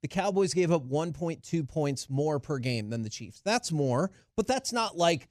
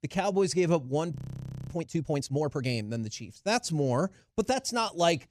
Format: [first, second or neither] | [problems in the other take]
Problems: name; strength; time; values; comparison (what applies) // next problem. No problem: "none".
first | audio freezing; at 1 s for 0.5 s